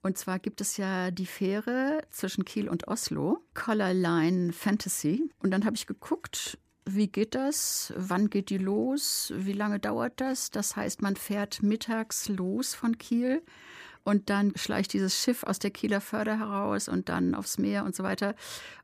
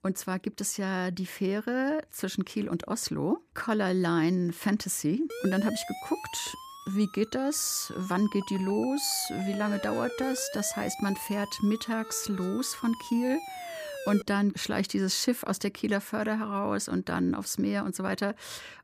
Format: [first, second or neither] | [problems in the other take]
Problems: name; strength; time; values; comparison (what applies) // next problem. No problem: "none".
first | siren; noticeable; from 5.5 to 14 s; peak 8 dB below the speech